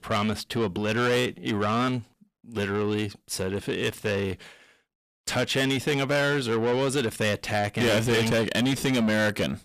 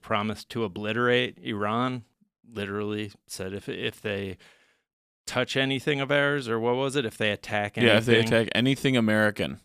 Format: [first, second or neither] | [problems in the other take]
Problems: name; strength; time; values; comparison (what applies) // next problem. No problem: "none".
second | distortion; heavy; 6 dB below the speech